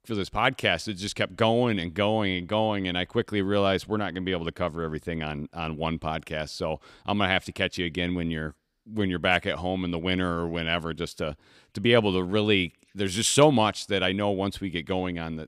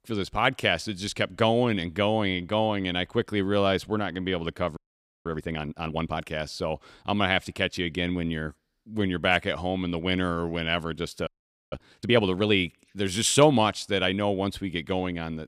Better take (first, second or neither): first